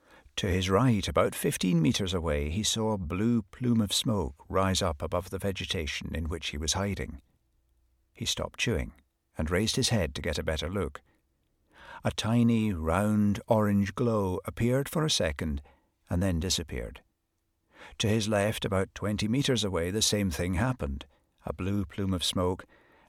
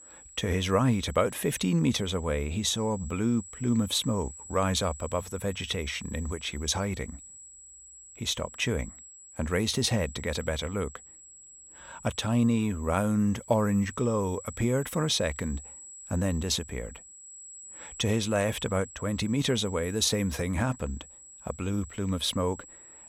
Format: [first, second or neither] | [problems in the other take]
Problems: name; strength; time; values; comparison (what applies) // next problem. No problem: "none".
first | high-pitched whine; noticeable; throughout; 8 kHz, 15 dB below the speech